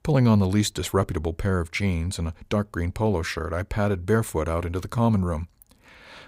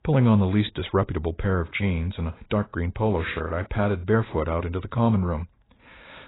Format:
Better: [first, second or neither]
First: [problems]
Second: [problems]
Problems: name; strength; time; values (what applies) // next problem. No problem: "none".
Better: first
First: none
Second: garbled, watery; badly; nothing above 4 kHz